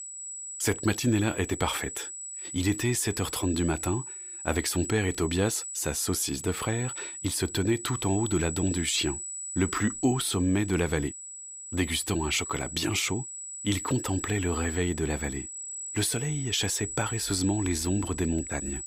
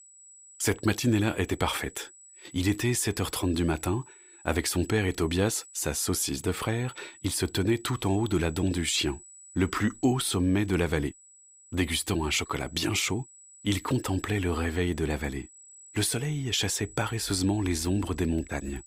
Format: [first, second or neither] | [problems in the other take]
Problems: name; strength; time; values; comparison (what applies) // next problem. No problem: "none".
second | high-pitched whine; loud; throughout; 8 kHz, 7 dB below the speech; faint in the second